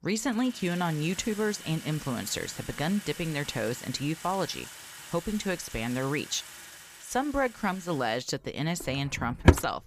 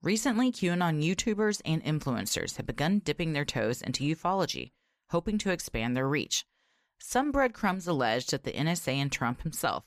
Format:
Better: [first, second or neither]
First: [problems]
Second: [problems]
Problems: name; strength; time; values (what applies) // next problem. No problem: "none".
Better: second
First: household noises; loud; throughout; 4 dB below the speech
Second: none